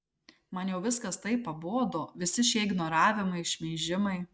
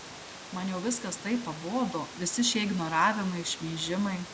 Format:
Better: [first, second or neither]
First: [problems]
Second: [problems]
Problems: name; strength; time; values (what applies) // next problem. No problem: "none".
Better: first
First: none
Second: background sound (Water); 13 dB below the speech